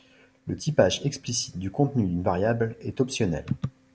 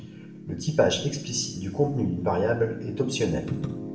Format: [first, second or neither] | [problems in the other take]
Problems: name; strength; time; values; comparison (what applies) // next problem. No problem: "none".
first | background sound (Piano); 11 dB below the speech // room echo; dies away in 0.7 s